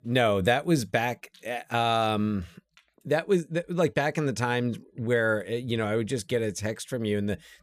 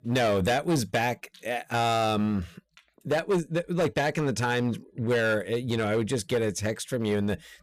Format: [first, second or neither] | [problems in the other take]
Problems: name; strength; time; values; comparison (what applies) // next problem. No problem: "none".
first | distortion; slight; 10% of the sound clipped